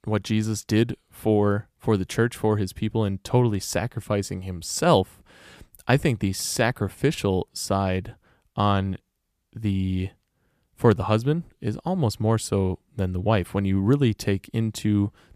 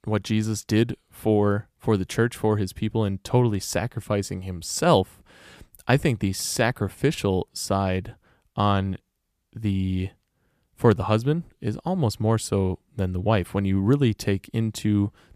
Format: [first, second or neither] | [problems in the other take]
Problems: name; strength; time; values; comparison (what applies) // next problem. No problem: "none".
neither | none